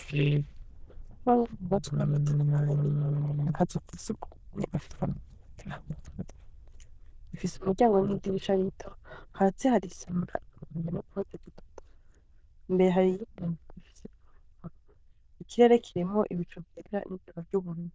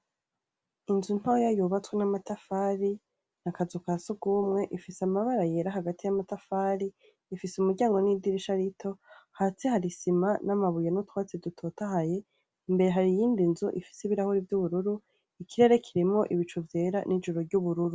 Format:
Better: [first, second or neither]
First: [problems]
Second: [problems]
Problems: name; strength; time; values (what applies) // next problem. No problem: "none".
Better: second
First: noise reduction (neural diffusion model UNIVERSE++)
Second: none